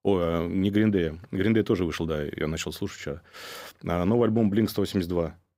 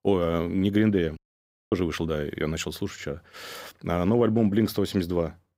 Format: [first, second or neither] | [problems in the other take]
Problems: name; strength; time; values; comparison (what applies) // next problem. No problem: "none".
first | audio cutting out; at 1 s for 0.5 s